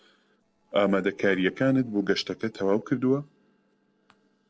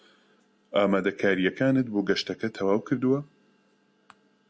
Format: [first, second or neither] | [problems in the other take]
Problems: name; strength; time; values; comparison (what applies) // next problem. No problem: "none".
second | noise reduction (neural separator model SepFormer DNS4)